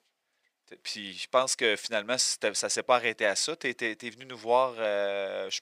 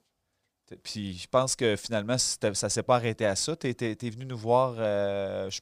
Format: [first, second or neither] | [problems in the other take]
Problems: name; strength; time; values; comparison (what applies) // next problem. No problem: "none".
second | thin; somewhat; fading below 350 Hz